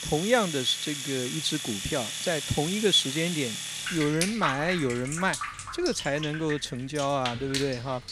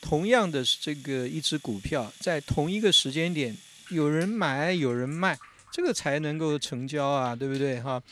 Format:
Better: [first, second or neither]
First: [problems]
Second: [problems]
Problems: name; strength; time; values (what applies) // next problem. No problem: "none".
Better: second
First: household noises; loud; throughout; 5 dB below the speech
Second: household noises; faint; throughout; 20 dB below the speech